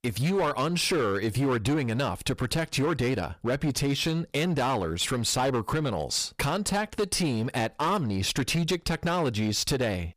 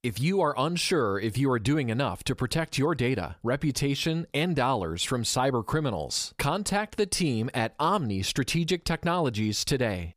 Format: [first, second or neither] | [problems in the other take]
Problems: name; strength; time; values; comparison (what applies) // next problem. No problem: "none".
second | distortion; slight; 14% of the sound clipped